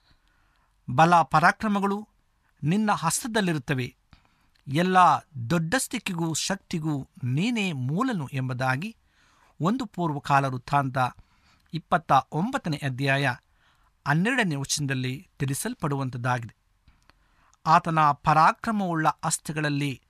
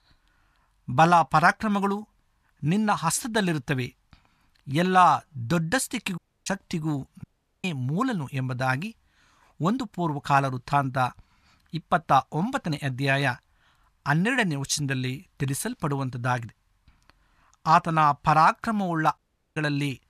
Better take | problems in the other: first | audio cutting out; at 6 s, at 7 s and at 19 s

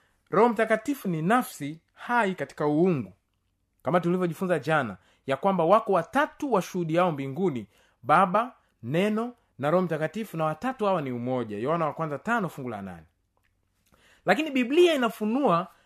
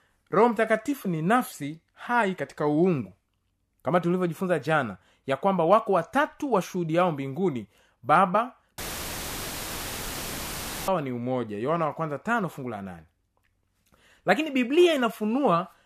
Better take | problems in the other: first | audio cutting out; filled with static; at 9 s for 2 s

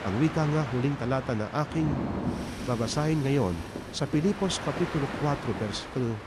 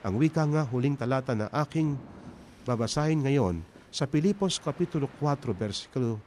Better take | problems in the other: second | train or aircraft noise; loud; throughout; 7 dB below the speech; faint in the second

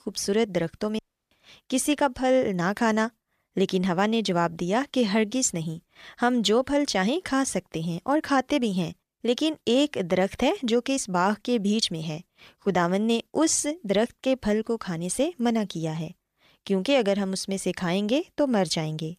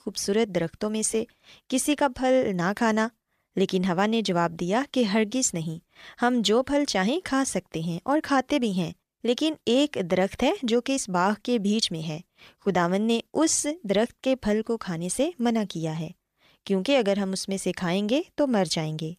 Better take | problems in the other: second | audio cutting out; at 1 s

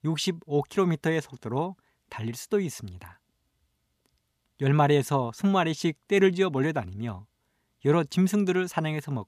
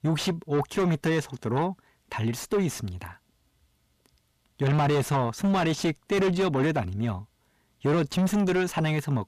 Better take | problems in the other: first | distortion; heavy; 7 dB below the speech

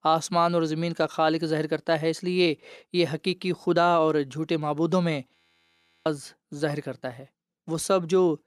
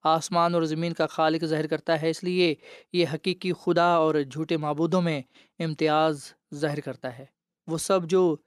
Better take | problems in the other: second | audio freezing; at 5.5 s for 0.5 s

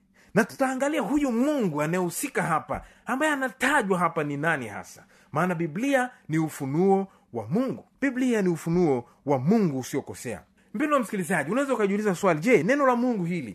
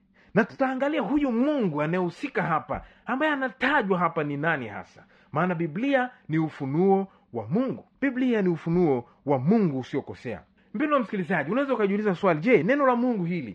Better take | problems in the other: first | muffled; slightly; fading above 4 kHz

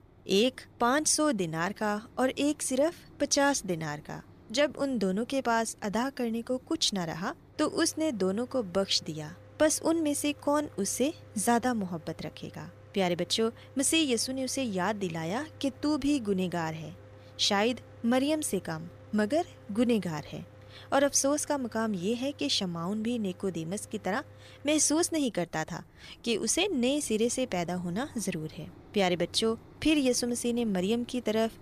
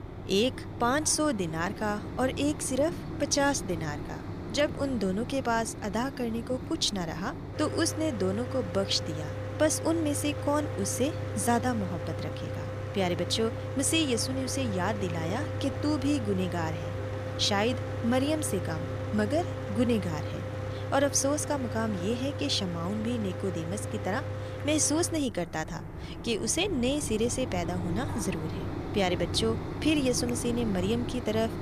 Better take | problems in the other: first | machinery noise; loud; throughout; 6 dB below the speech; faint in the first

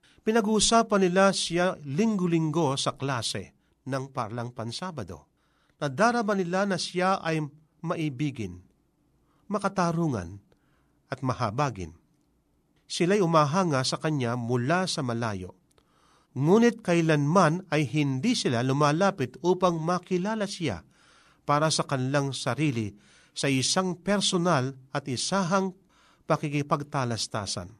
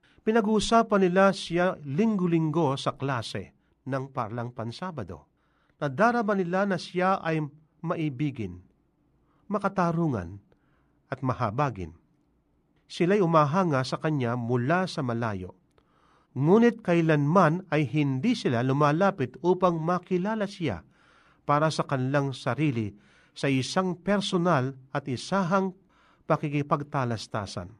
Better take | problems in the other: first | muffled; slightly; fading above 4 kHz

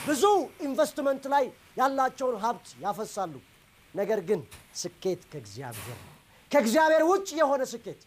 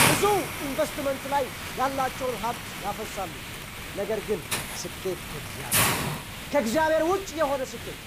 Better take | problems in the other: first | hiss; loud; throughout; 2 dB below the speech; faint in the first

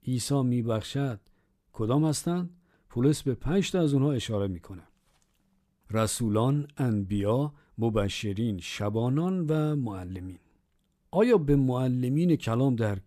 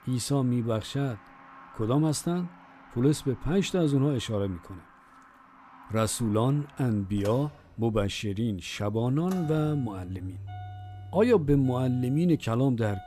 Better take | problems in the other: first | traffic noise; noticeable; throughout; 20 dB below the speech

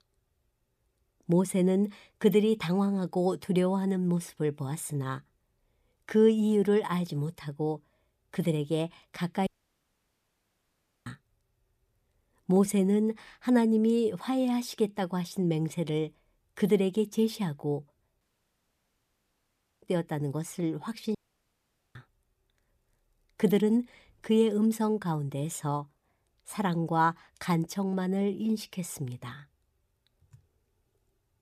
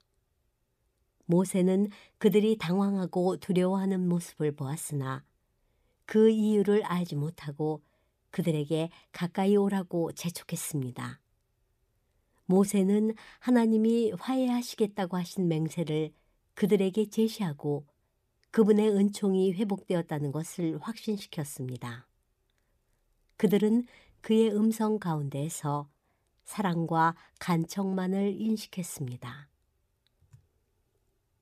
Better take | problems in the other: second | audio cutting out; at 9.5 s for 1.5 s, at 18 s for 1.5 s and at 21 s for 1 s

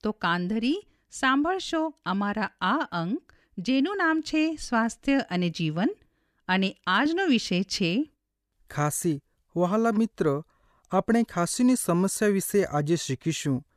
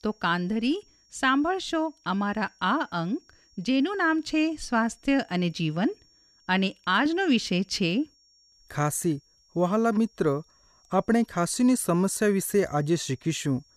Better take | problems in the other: first | high-pitched whine; faint; throughout; 5.5 kHz, 35 dB below the speech

